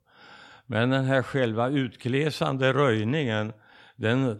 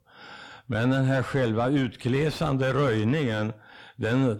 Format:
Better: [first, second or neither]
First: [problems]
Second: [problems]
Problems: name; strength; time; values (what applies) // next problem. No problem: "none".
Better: first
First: none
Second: distortion; heavy; 7 dB below the speech